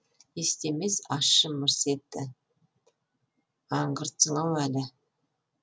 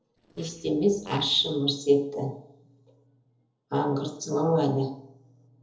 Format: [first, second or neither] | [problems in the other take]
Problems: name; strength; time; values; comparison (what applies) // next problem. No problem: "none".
first | noise reduction (neural separator model SepFormer DNS4)